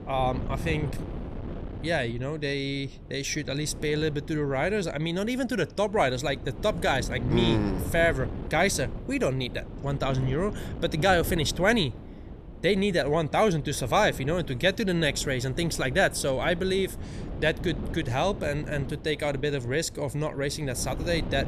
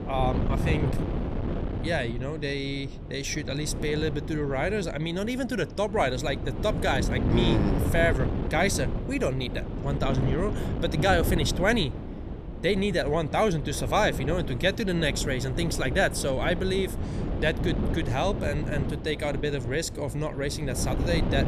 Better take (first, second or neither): first